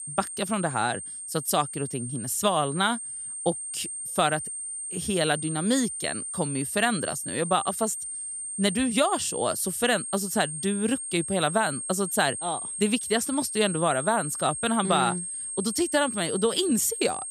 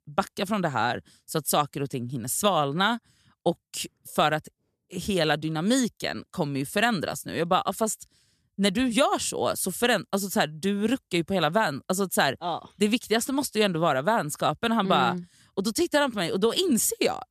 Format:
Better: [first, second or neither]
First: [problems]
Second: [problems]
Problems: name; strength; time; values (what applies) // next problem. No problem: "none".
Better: second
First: high-pitched whine; loud; throughout; 8.5 kHz, 5 dB below the speech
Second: none